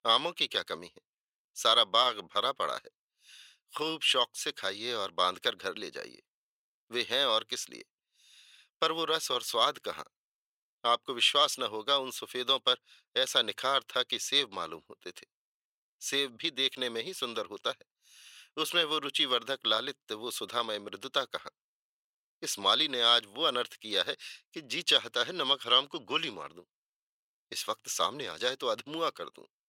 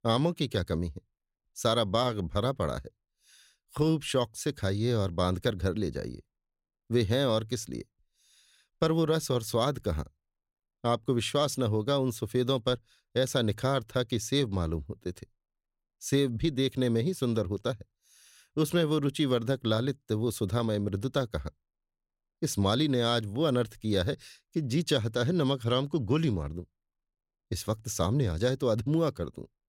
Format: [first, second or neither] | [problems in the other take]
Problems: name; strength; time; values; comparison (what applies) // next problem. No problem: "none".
second | thin; very; fading below 550 Hz